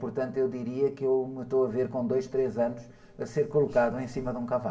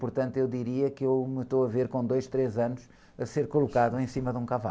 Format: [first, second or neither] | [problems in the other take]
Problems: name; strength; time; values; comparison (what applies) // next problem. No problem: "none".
second | room echo; dies away in 2 s